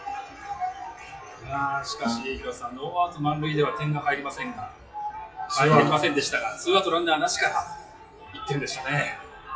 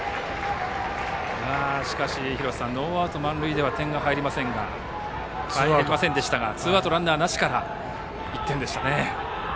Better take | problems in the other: second | noise reduction (classical method WPE with log-MMSE)

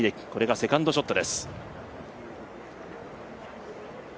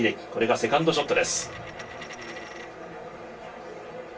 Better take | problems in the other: first | background sound (Coin (dropping)); 16 dB below the speech // room echo; dies away in 0.2 s

